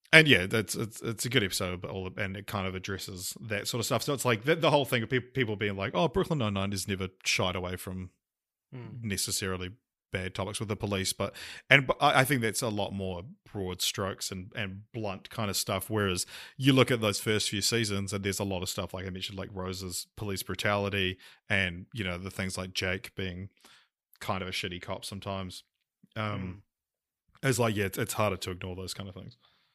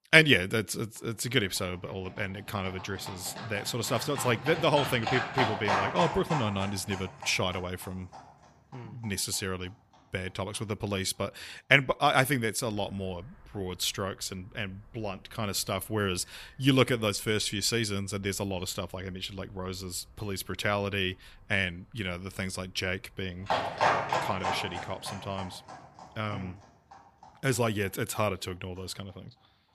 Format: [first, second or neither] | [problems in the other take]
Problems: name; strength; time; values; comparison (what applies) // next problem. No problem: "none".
first | animal sounds; loud; throughout; 3 dB below the speech